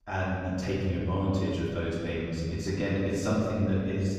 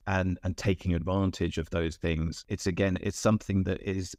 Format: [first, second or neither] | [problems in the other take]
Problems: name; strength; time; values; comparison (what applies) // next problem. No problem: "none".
second | room echo; strong; dies away in 1.9 s // off-mic speech; far